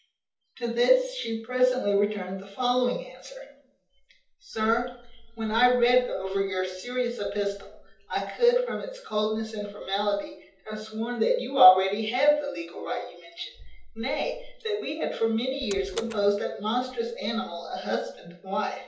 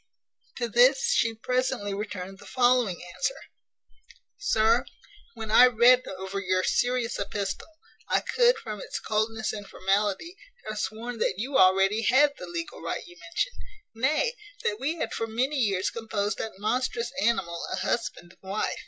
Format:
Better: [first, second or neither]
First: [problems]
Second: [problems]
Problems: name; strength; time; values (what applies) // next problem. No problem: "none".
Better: second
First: background sound (Door); 15 dB below the speech // room echo; dies away in 0.6 s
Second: none